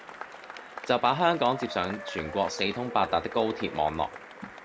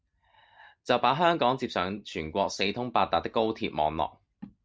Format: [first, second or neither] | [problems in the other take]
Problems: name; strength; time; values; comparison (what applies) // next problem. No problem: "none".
second | background sound (Applause / Crowd / Cheering); 12 dB below the speech